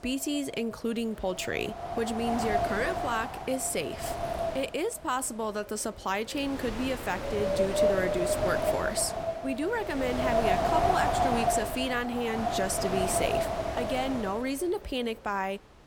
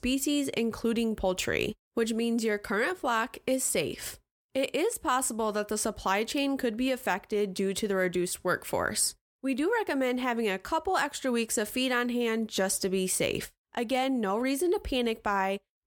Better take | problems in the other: second | wind noise on the microphone; heavy; 2 dB above the speech

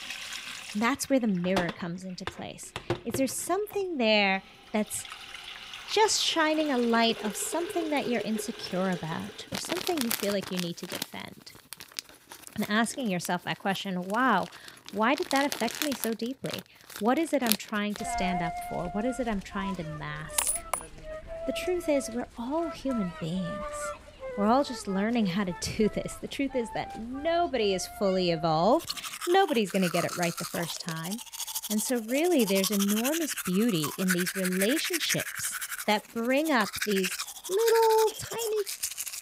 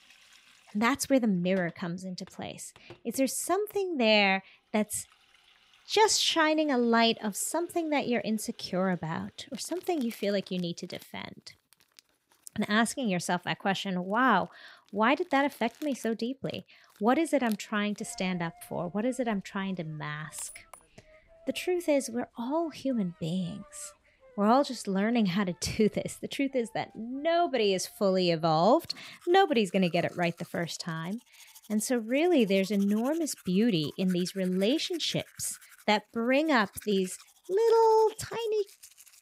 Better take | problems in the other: second | household noises; loud; throughout; 7 dB below the speech; faint in the second

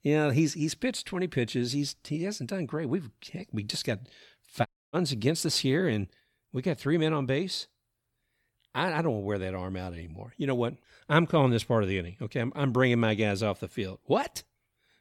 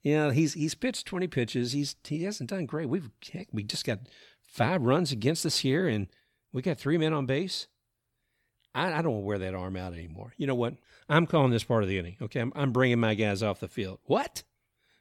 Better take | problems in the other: second | audio cutting out; at 4.5 s

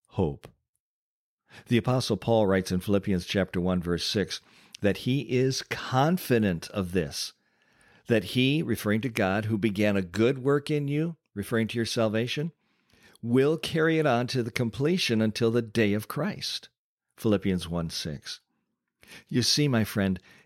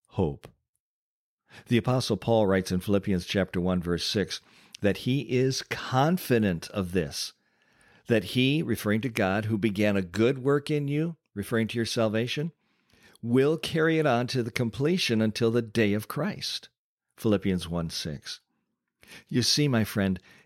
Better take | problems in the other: neither | none

